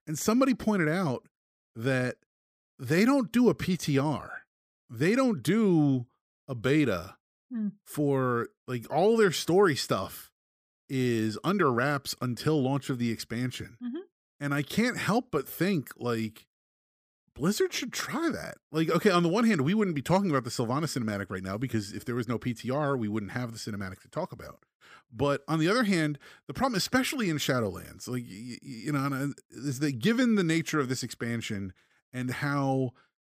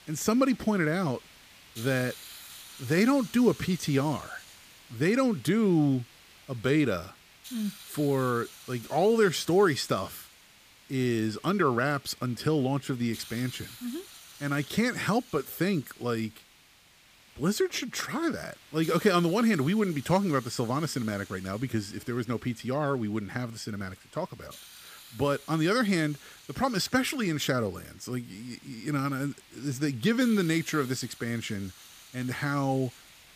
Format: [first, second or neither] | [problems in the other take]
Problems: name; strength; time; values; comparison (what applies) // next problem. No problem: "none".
first | hiss; noticeable; throughout; 20 dB below the speech